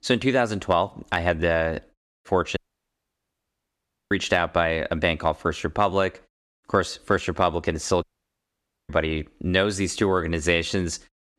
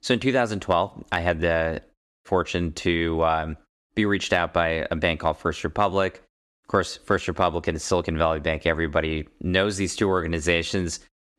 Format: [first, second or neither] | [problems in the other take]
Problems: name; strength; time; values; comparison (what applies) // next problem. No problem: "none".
second | audio cutting out; at 2.5 s for 1.5 s and at 8 s for 1 s